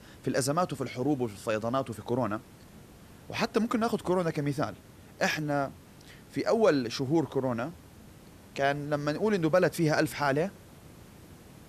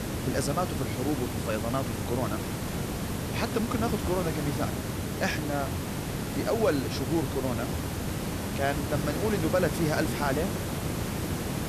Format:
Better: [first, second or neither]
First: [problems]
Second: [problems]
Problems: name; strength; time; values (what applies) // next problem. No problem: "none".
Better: first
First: hiss; faint; throughout; 25 dB below the speech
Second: hiss; loud; throughout; 1 dB below the speech